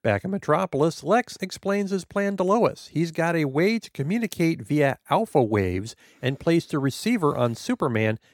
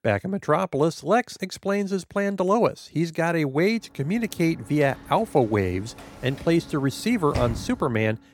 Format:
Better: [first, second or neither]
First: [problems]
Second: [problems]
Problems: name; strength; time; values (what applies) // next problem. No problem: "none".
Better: first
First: none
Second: door banging; noticeable; from 5 to 8 s; peak 7 dB below the speech